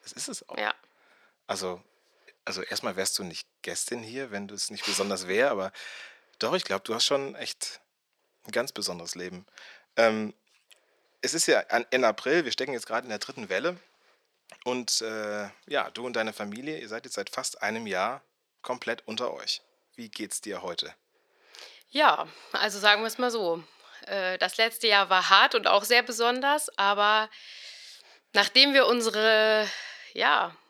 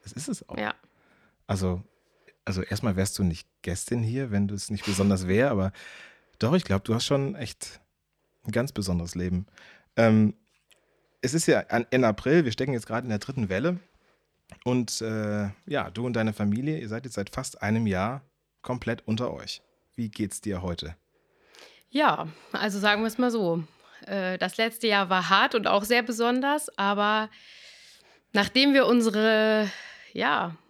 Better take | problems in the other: second | thin; somewhat; fading below 450 Hz

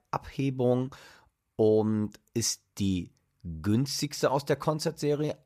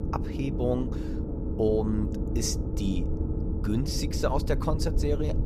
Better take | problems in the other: first | low rumble; loud; throughout; 7 dB below the speech

